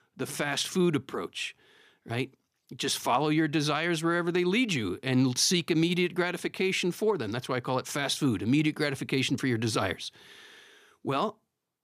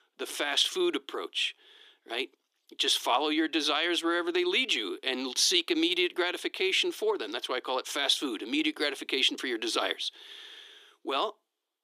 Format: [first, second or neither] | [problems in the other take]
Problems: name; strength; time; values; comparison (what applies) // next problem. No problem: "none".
first | thin; somewhat; fading below 300 Hz